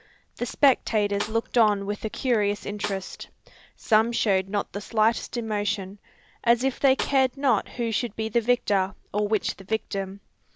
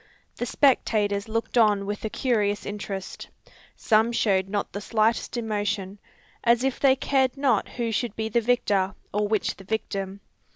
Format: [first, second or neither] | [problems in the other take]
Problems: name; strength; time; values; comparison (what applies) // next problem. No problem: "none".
second | background sound (Snare drum); 14 dB below the speech